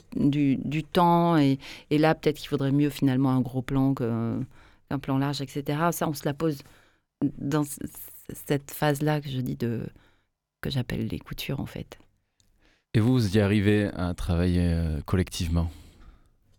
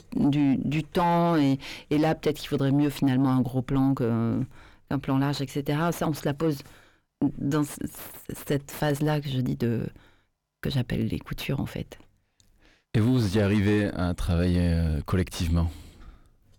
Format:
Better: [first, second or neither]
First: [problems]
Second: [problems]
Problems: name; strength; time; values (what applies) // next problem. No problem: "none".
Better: first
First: none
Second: distortion; slight; 10 dB below the speech